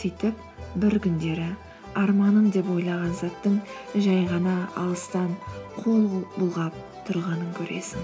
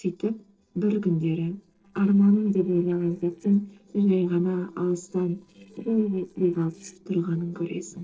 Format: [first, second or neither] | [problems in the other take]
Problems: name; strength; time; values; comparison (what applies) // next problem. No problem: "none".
first | noise reduction (neural separator model SepFormer DNS4)